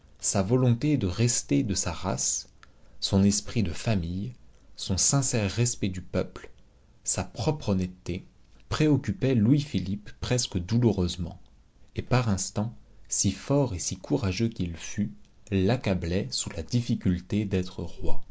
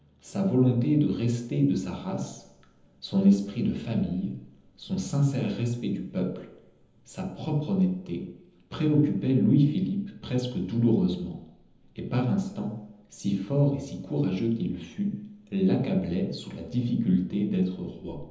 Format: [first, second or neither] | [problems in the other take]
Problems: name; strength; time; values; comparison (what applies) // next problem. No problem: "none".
first | room echo; dies away in 0.9 s